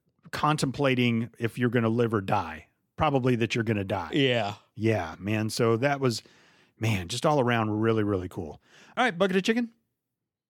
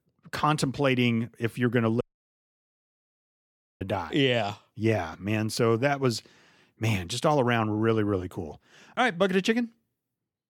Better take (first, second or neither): first